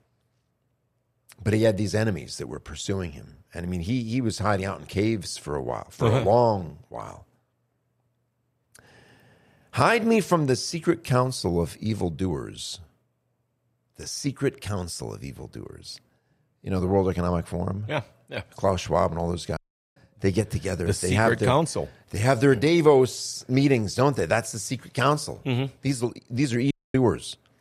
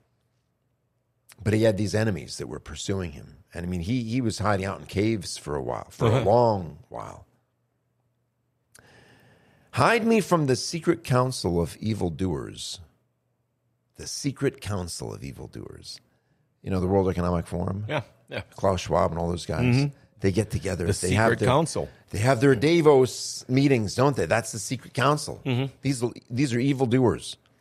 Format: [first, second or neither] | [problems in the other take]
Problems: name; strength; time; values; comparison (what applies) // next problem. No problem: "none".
second | audio cutting out; at 20 s and at 27 s